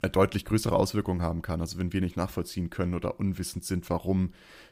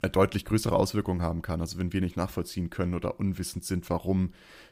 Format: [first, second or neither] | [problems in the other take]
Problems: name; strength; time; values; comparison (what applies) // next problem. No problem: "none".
neither | none